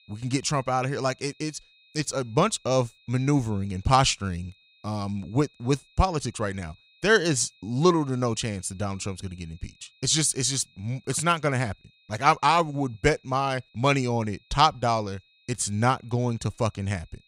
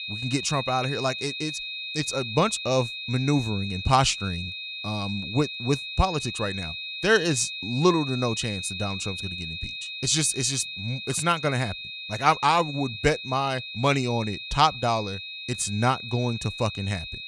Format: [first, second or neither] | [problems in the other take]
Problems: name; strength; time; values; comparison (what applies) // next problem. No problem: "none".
first | high-pitched whine; loud; throughout; 4 kHz, 7 dB below the speech; faint in the first